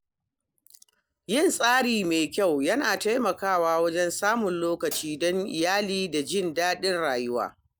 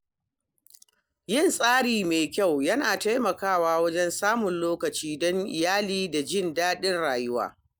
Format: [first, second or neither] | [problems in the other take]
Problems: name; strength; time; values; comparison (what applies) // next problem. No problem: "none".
second | background sound (Hi-hat); 12 dB below the speech